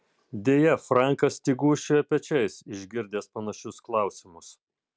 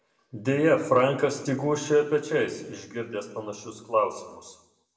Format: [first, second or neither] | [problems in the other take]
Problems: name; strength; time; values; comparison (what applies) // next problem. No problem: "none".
first | room echo; dies away in 0.8 s